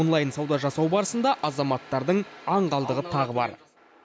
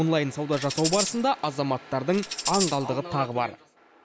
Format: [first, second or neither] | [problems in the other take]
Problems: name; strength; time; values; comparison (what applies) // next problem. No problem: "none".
first | background sound (Tambourine); 5 dB below the speech